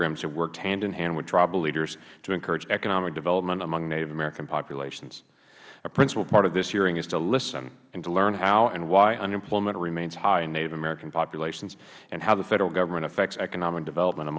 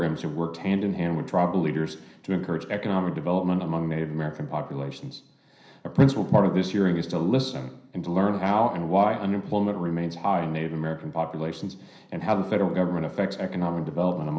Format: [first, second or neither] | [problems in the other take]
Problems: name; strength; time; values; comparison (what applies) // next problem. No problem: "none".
first | room echo; dies away in 0.5 s